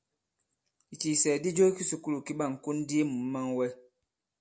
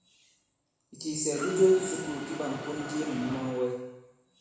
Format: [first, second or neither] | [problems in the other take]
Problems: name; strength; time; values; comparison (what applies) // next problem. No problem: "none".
first | background sound (Mechanisms); 12 dB below the speech // room echo; dies away in 1 s